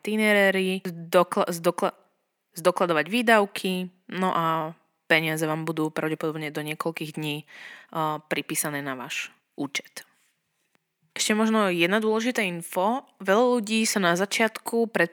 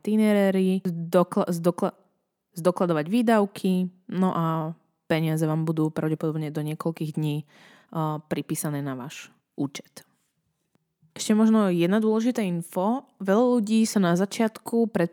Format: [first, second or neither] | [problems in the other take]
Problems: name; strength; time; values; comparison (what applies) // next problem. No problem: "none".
second | thin; somewhat; fading below 650 Hz